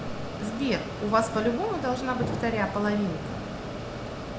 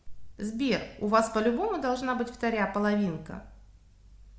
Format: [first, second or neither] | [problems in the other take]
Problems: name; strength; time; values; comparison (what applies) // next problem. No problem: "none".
second | background sound (Explosion + Mechanisms); 5 dB below the speech